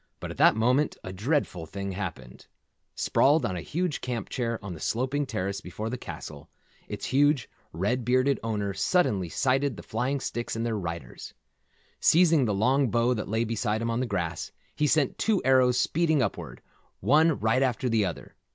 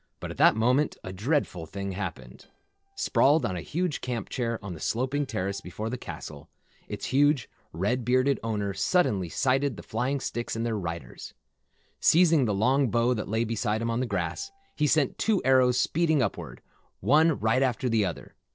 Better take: first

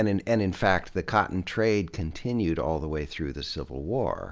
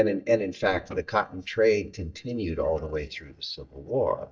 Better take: first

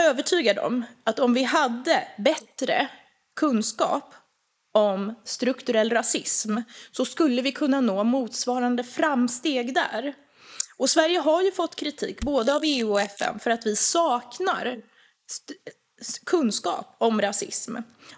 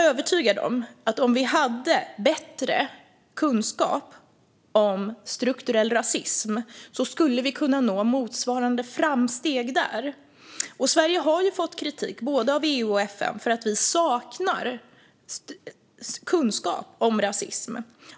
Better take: second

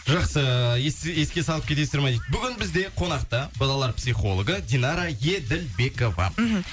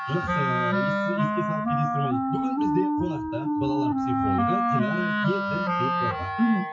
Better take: first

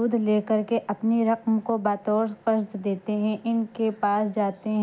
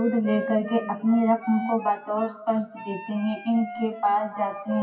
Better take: first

